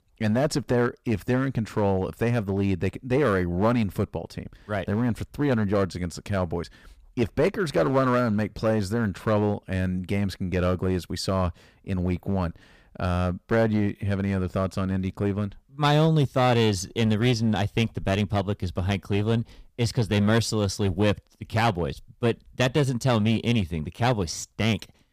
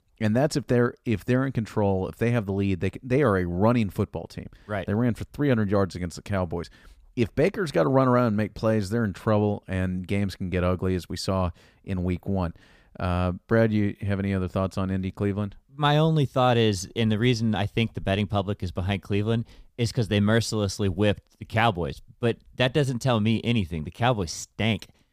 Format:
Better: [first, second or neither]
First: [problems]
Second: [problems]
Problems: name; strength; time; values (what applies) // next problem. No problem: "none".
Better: second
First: distortion; slight; 5% of the sound clipped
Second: none